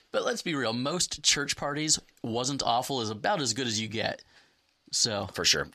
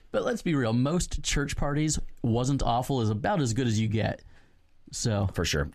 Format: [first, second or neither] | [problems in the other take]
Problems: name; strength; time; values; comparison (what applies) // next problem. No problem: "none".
second | thin; somewhat; fading below 600 Hz